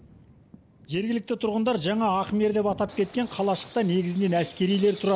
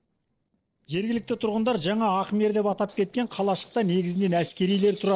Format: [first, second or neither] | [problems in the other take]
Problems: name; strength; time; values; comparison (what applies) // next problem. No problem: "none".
first | noise reduction (neural separator model SepFormer DNS4)